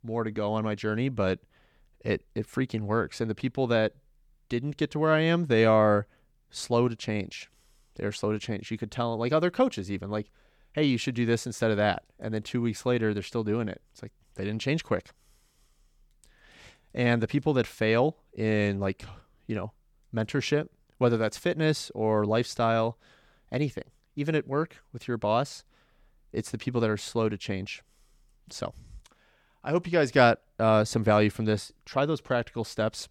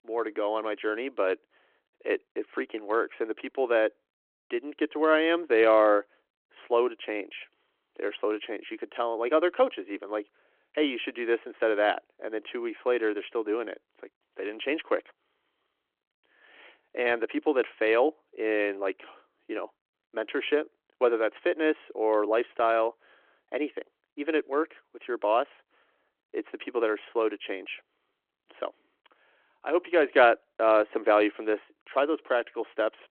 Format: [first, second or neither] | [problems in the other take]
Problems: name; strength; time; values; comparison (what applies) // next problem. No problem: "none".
first | phone-call audio